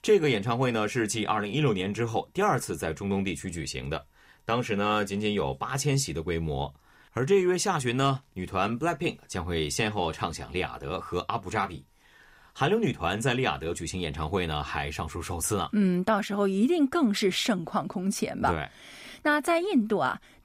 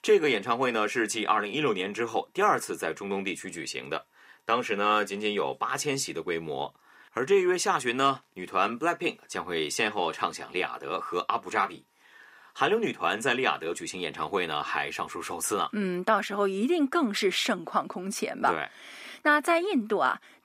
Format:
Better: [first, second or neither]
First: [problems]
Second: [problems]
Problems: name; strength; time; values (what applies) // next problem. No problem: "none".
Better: first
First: none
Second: thin; somewhat; fading below 300 Hz